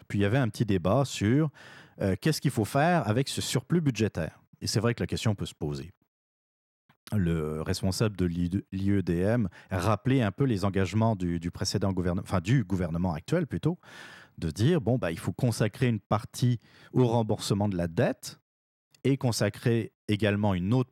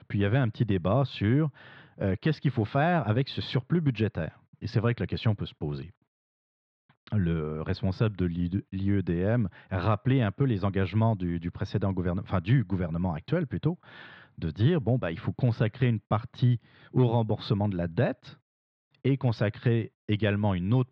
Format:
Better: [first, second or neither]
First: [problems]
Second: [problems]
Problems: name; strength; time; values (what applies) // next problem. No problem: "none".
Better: first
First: none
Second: muffled; slightly; fading above 4 kHz